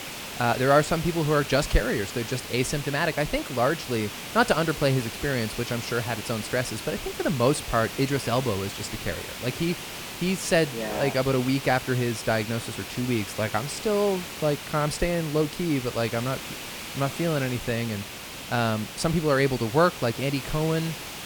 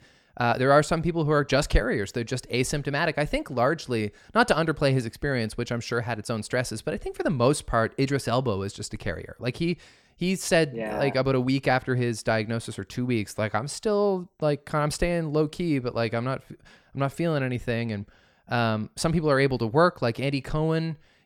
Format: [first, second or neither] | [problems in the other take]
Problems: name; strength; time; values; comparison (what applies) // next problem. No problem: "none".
second | hiss; loud; throughout; 9 dB below the speech